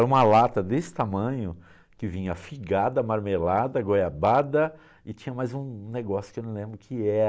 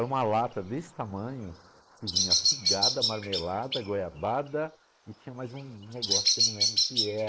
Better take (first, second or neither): first